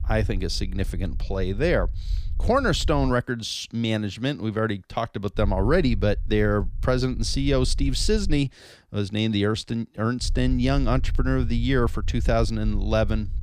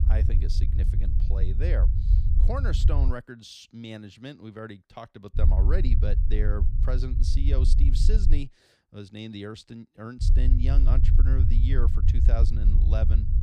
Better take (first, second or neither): first